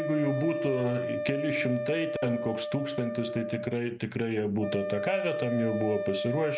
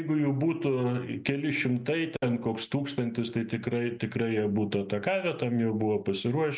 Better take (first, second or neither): second